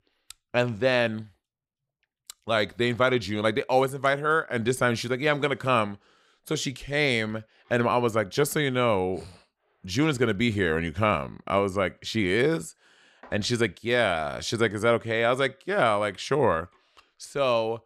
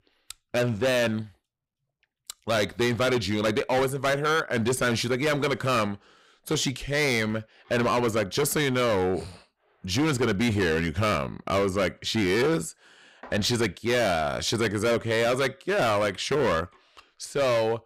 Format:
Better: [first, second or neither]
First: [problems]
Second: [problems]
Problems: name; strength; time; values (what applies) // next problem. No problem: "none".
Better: first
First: none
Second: distortion; heavy; 15% of the sound clipped